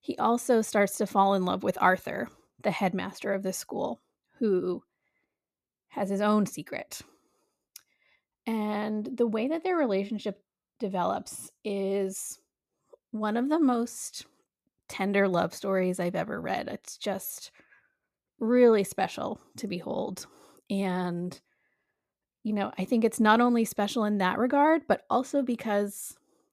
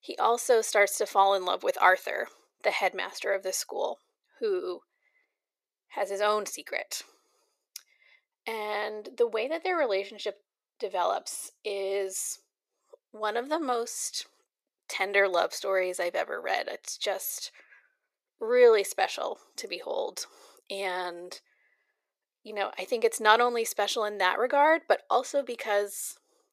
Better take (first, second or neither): first